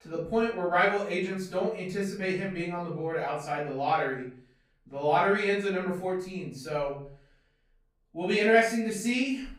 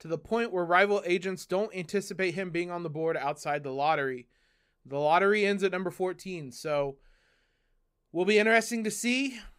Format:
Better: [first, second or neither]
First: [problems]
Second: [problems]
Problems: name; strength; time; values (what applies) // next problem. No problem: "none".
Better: second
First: off-mic speech; far // room echo; noticeable; dies away in 0.5 s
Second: none